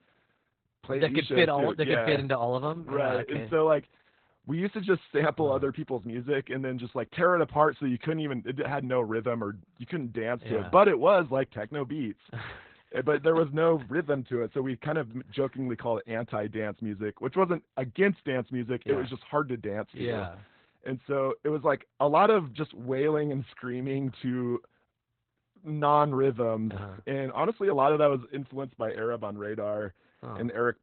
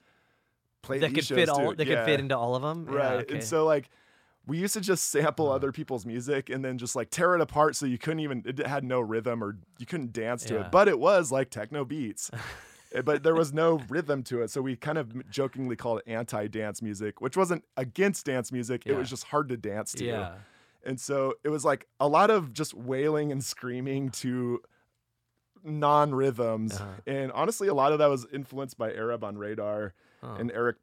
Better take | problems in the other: second | garbled, watery; badly; nothing above 4 kHz

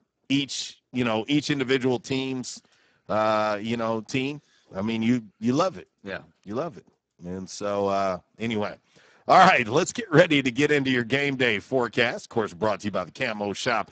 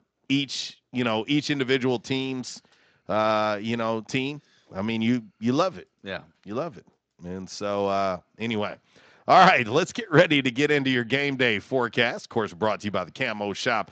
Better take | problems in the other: second | garbled, watery; badly; nothing above 7.5 kHz; slightly in the second

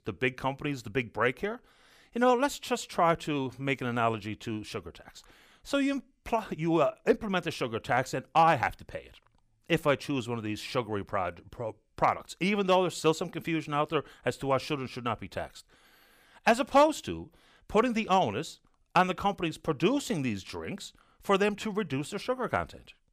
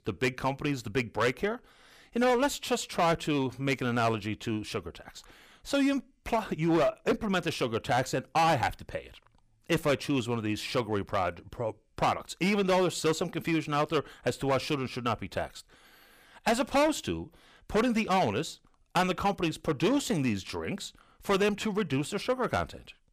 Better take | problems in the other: first | distortion; heavy; 6% of the sound clipped

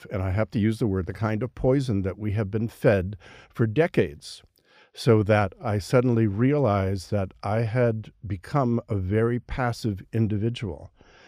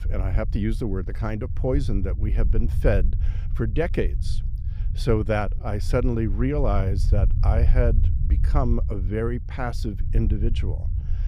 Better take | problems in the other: first | low rumble; noticeable; throughout; 15 dB below the speech

